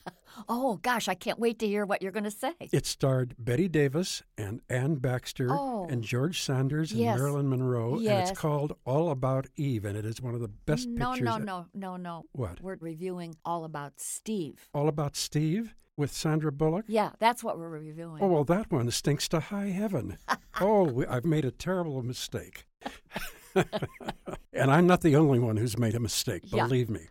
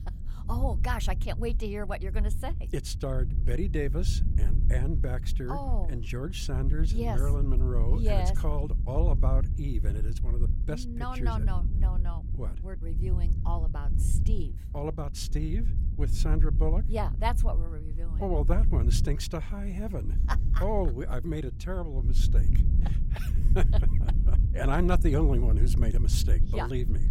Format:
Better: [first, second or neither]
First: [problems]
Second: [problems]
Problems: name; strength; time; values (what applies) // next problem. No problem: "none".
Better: first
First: none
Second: wind noise on the microphone; occasional gusts; 10 dB below the speech